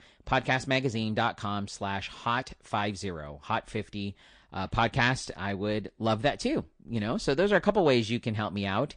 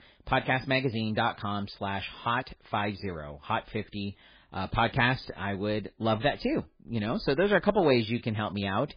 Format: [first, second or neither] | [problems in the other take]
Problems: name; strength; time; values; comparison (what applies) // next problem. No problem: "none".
first | garbled, watery; badly; nothing above 4 kHz; slightly in the first